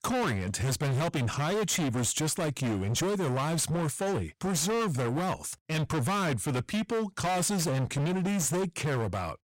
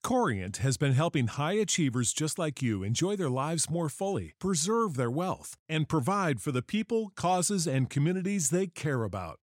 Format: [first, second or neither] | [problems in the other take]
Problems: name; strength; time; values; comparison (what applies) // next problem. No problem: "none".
second | distortion; heavy; 38% of the sound clipped